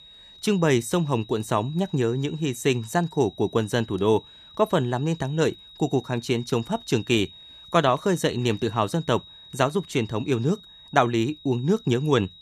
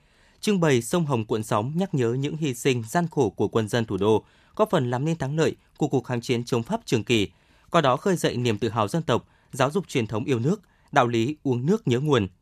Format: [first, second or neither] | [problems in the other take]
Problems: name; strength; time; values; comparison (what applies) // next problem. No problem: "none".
second | high-pitched whine; faint; throughout; 4 kHz, 20 dB below the speech